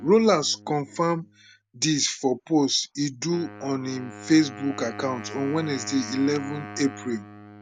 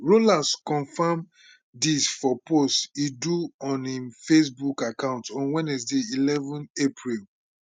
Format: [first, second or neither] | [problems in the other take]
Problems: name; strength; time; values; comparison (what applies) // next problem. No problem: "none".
second | background sound (Wind instrument, woodwind instrument); 16 dB below the speech